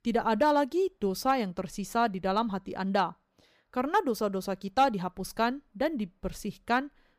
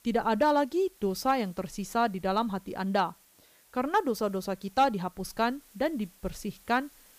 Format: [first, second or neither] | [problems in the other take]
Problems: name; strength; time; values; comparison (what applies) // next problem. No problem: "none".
first | hiss; faint; throughout; 25 dB below the speech